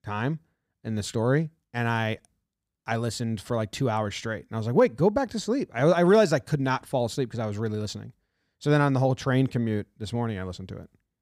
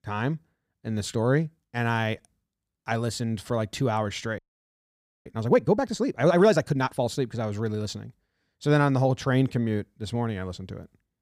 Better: first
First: none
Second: audio freezing; at 4.5 s for 1 s

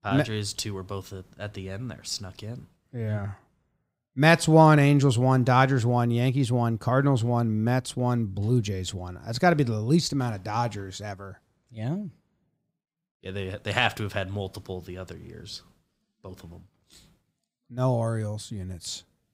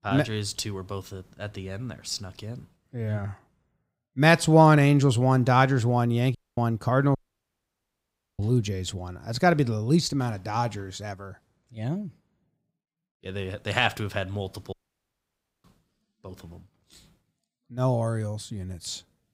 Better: first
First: none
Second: audio cutting out; at 6.5 s, at 7 s for 1 s and at 15 s for 1 s

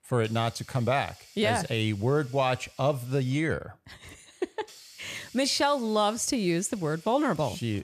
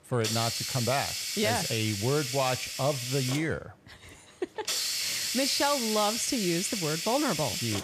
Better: first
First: hiss; faint; throughout; 25 dB below the speech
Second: hiss; loud; throughout; 1 dB below the speech

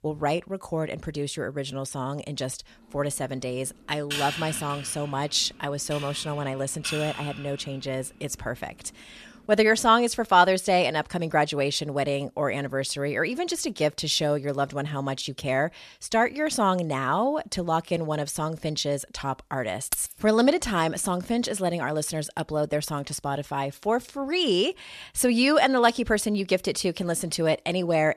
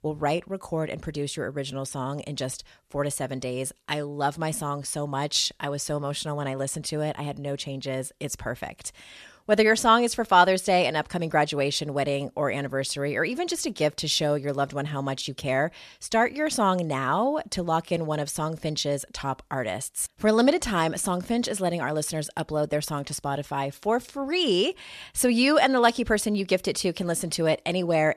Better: second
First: keyboard typing; noticeable; from 4 to 9.5 s; peak 3 dB below the speech // jangling keys; noticeable; at 20 s; peak 5 dB below the speech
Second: none

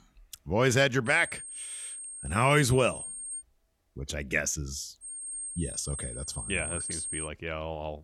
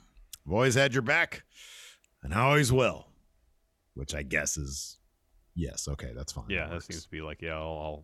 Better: second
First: high-pitched whine; loud; from 1 to 3.5 s and from 5 to 7.5 s; 8.5 kHz, 8 dB below the speech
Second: none

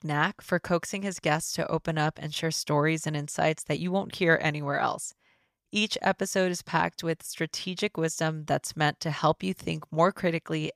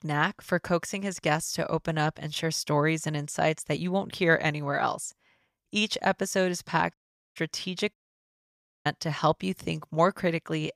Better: first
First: none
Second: audio cutting out; at 7 s and at 8 s for 1 s

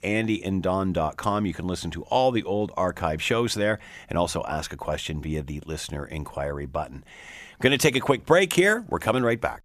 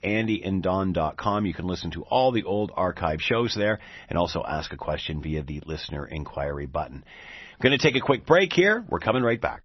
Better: first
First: none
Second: garbled, watery; slightly; nothing above 6 kHz

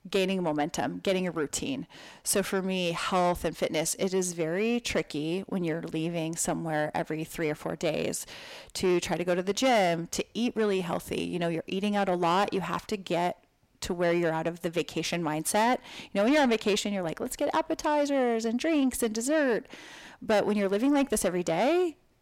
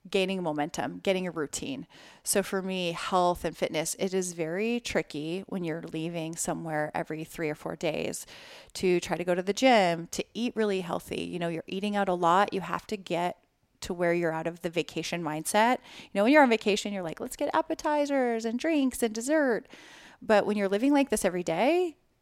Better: second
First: distortion; slight; 10 dB below the speech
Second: none

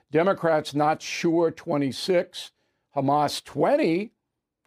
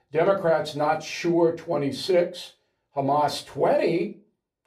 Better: first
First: none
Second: off-mic speech; somewhat distant // room echo; very slight; dies away in 0.2 s

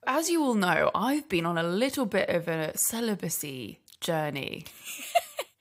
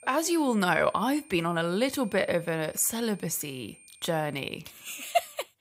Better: first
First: none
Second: high-pitched whine; faint; until 4.5 s; 9 kHz, 25 dB below the speech

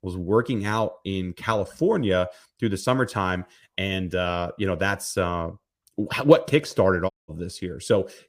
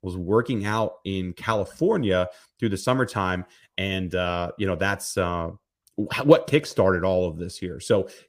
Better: second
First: audio cutting out; at 7 s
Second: none

